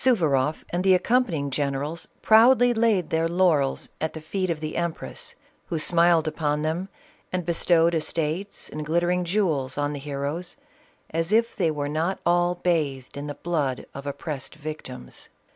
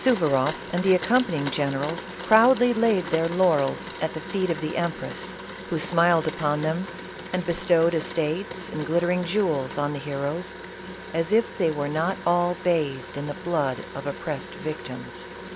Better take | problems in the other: first | background sound (Domestic sounds, home sounds); 12 dB below the speech

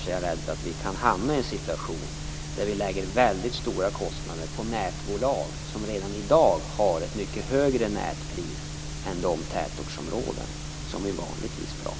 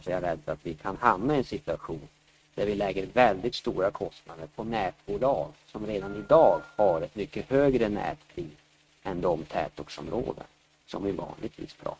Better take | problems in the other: first | noise reduction (neural mask model RNNoise)

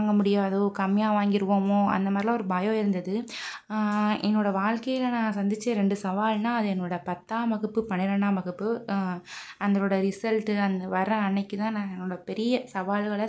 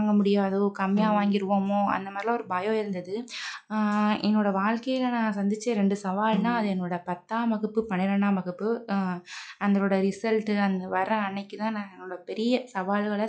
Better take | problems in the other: first | noise reduction (classical method log-MMSE)

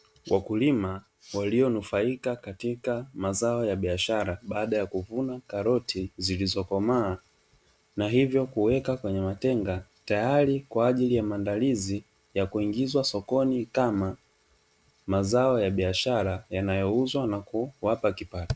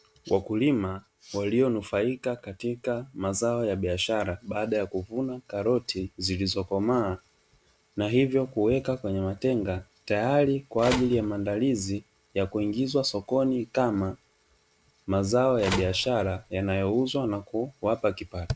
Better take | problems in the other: first | background sound (Telephone); 9 dB below the speech

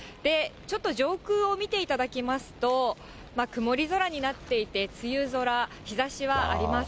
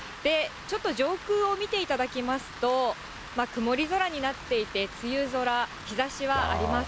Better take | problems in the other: first | background sound (Rain); 15 dB below the speech

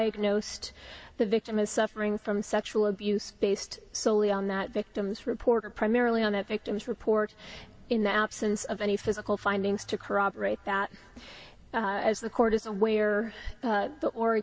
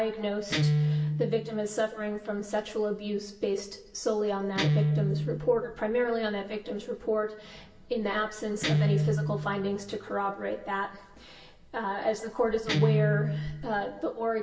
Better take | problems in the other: first | background sound (Guitar); 1 dB below the speech // room echo; dies away in 0.7 s

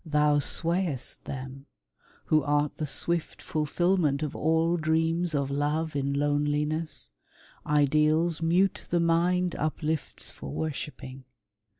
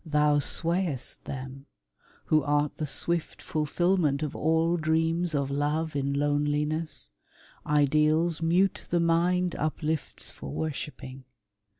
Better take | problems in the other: second | noise reduction (neural mask model Resemble Enhance denoiser)

